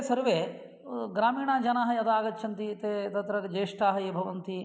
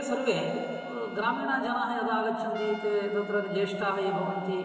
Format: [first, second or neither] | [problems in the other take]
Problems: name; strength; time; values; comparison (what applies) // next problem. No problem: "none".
first | background sound (Trumpet); 17 dB below the speech // room echo; dies away in 2.8 s